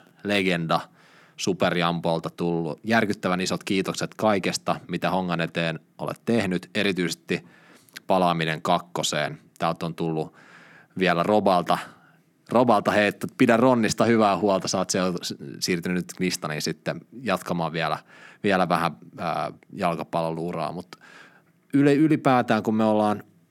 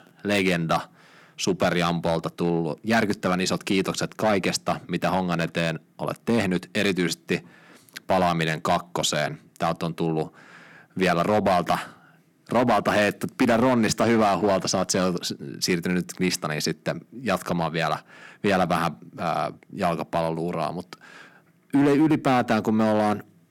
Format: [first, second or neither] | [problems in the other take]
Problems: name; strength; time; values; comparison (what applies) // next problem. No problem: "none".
first | distortion; slight; 4% of the sound clipped